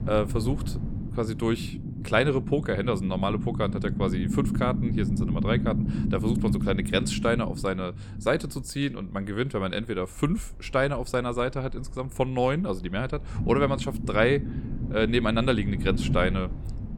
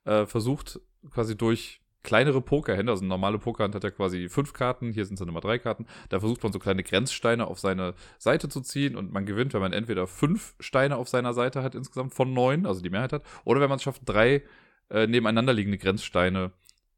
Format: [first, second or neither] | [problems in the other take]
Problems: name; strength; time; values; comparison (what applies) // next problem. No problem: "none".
second | low rumble; noticeable; throughout; 10 dB below the speech